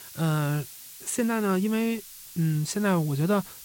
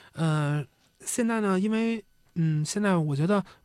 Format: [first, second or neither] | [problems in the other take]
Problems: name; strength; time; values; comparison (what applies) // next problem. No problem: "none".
second | hiss; noticeable; throughout; 15 dB below the speech